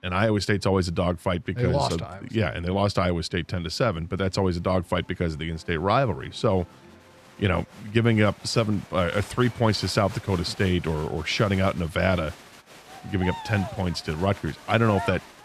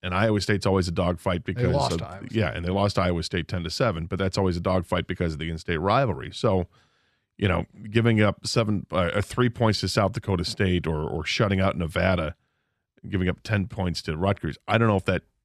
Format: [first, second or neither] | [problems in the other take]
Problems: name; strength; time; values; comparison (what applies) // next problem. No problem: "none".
second | crowd noise; noticeable; throughout; 15 dB below the speech